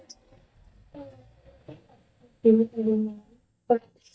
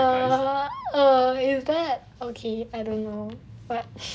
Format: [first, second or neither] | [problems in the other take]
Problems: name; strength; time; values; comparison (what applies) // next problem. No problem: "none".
second | noise reduction (neural mask model DeepFilterNet 3)